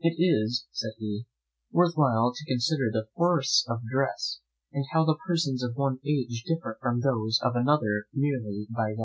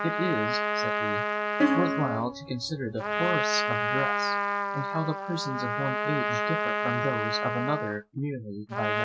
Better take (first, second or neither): first